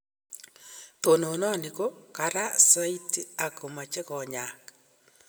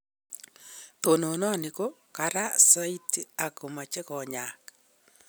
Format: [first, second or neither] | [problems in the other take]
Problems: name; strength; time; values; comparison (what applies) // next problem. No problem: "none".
second | room echo; dies away in 1 s